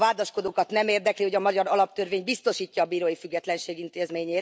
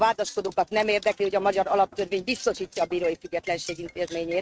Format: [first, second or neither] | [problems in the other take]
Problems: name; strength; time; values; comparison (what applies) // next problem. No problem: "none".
first | noise reduction (neural mask model RNNoise)